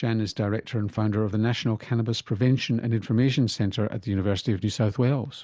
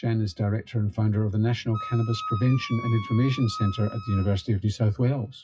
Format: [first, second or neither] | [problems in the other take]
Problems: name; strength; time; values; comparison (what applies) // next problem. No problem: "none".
first | noise reduction (classical method WPE with log-MMSE)